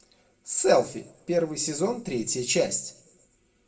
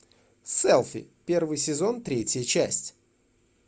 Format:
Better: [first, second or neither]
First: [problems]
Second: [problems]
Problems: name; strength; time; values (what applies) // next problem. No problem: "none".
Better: second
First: room echo; dies away in 0.4 s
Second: none